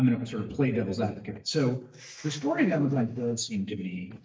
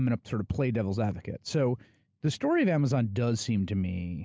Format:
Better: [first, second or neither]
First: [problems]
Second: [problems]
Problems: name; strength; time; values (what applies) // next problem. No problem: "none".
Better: second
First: noise reduction (neural mask model DeepFilterNet 3)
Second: none